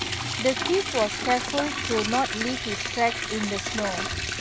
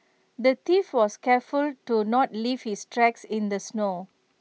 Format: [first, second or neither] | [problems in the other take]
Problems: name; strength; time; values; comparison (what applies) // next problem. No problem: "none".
second | background sound (Liquid); 2 dB below the speech